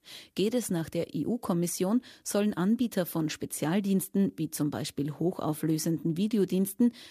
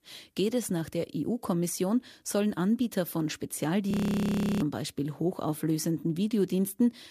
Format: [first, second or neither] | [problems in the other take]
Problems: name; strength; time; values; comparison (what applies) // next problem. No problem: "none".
first | audio freezing; at 4 s for 0.5 s